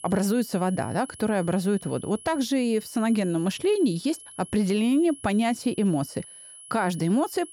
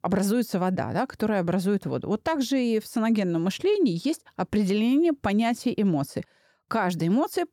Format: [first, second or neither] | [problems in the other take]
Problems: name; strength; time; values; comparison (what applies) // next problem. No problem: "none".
second | high-pitched whine; noticeable; throughout; 10.5 kHz, 15 dB below the speech